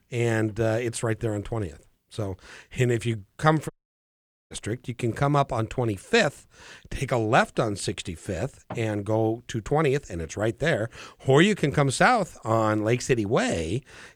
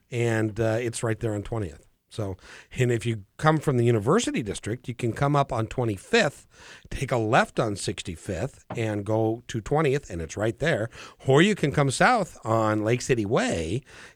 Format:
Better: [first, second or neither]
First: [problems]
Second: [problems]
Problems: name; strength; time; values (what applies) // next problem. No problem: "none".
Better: second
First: audio cutting out; at 3.5 s for 1 s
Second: none